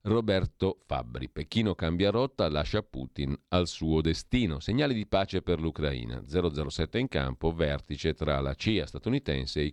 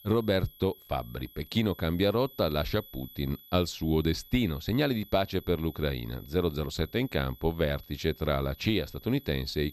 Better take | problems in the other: first | high-pitched whine; faint; throughout; 12 kHz, 20 dB below the speech

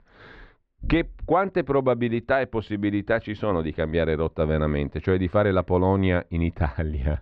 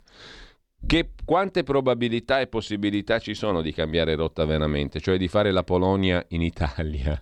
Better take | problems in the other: second | muffled; very; fading above 2 kHz

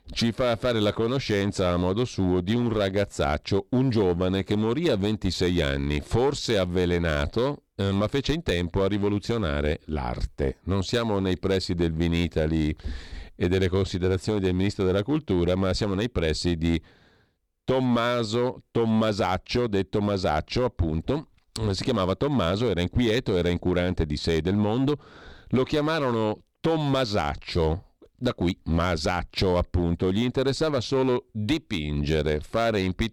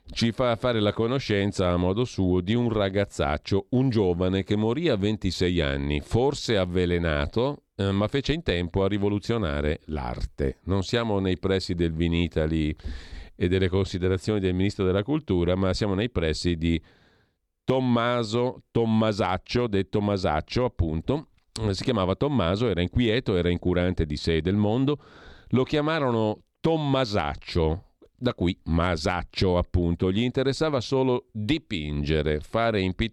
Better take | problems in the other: second | distortion; slight; 6% of the sound clipped

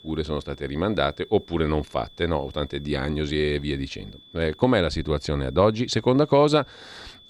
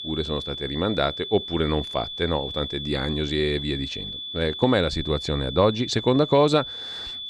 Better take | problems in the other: first | high-pitched whine; loud; throughout; 3.5 kHz, 8 dB below the speech; faint in the first

